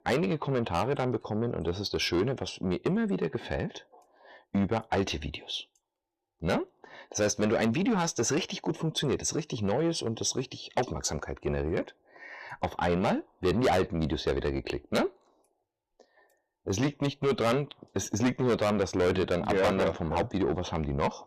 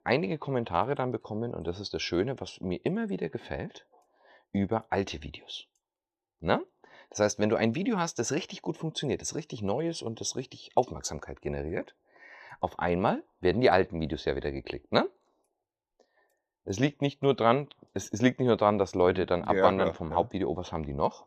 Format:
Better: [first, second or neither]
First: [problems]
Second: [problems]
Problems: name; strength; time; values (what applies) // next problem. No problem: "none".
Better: second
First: distortion; heavy; 6 dB below the speech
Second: none